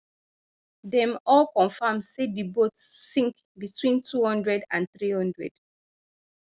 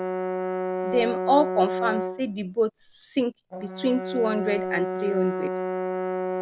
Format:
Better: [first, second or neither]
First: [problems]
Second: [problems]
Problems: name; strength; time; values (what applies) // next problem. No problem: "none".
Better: first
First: none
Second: background sound (Brass instrument); 2 dB below the speech